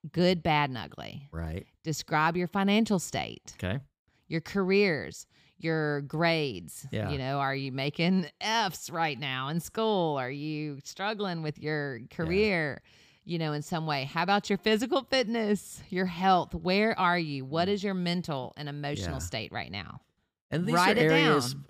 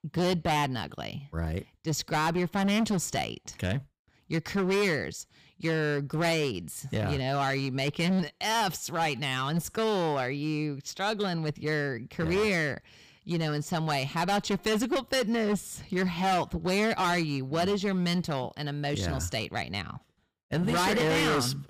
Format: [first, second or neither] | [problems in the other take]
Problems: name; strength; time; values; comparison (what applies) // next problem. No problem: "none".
first | distortion; heavy; 14% of the sound clipped